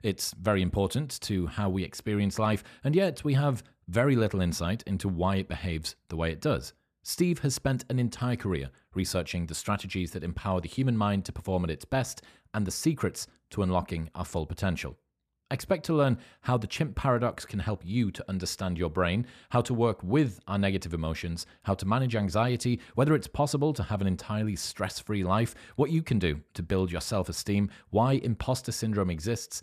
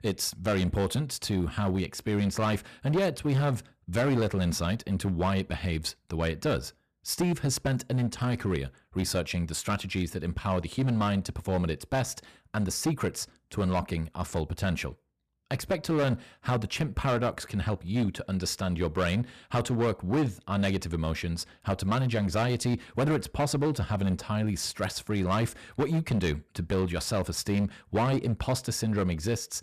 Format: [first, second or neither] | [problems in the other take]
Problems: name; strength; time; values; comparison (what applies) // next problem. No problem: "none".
first | distortion; slight; 9% of the sound clipped